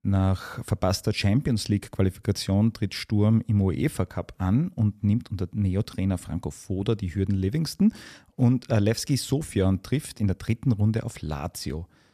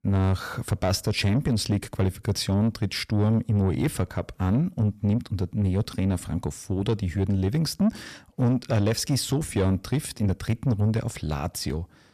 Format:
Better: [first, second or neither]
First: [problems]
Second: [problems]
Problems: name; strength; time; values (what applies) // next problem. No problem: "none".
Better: first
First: none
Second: distortion; slight; 10 dB below the speech